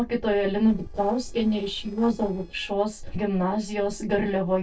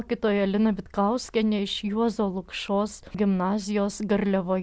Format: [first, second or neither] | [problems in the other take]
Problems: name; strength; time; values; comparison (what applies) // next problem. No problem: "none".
second | noise reduction (neural separator model SepFormer DNS4)